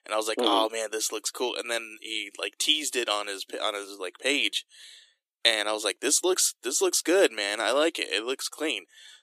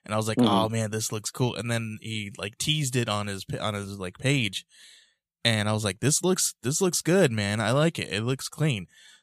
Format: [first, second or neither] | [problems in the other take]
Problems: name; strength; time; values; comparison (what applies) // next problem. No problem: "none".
second | thin; very; fading below 300 Hz